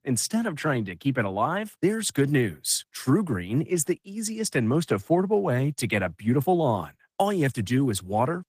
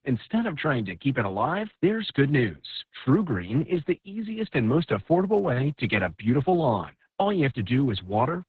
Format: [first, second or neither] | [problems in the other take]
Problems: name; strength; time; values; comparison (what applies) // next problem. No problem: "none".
first | garbled, watery; badly; nothing above 4 kHz; slightly in the first